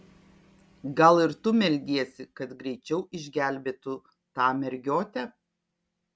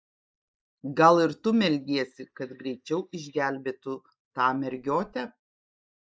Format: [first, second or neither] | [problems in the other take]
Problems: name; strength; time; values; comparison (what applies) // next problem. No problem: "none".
first | noise reduction (neural mask model Resemble Enhance denoiser)